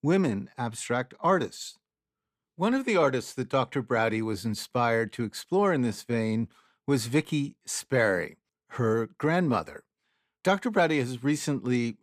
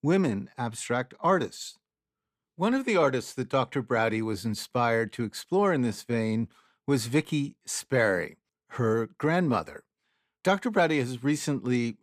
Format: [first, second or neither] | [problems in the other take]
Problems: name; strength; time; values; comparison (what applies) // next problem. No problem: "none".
neither | none